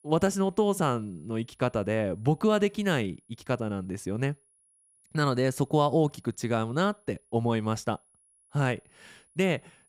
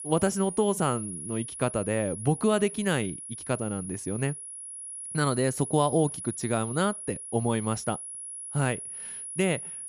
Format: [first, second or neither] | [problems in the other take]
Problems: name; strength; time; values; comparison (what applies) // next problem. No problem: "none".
first | high-pitched whine; loud; throughout; 10.5 kHz, 8 dB below the speech; faint in the first